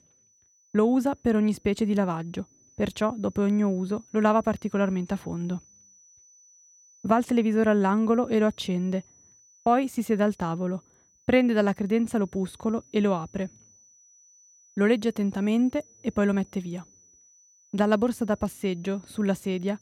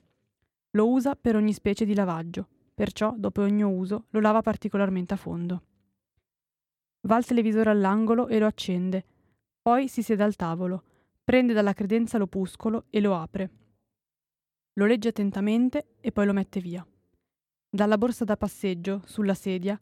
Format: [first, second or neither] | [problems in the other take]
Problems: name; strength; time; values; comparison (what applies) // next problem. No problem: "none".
second | high-pitched whine; faint; throughout; 6 kHz, 30 dB below the speech